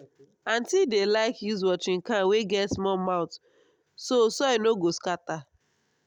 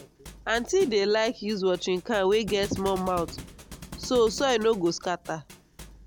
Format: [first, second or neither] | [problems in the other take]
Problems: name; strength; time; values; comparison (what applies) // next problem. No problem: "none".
first | background sound (Thump, thud); 16 dB below the speech